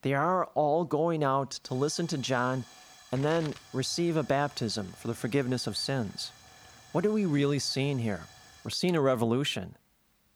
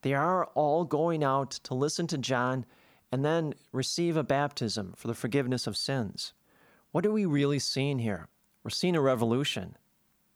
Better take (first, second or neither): second